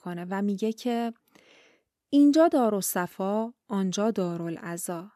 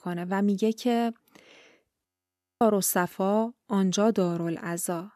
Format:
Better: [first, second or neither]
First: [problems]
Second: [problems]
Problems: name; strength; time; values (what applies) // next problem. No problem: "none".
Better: first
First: none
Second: audio freezing; at 2 s for 0.5 s